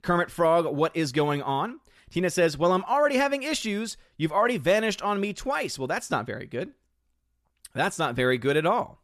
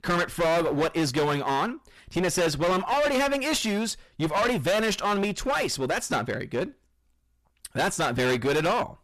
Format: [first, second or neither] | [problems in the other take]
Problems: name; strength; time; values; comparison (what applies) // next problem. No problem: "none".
first | distortion; heavy; 21% of the sound clipped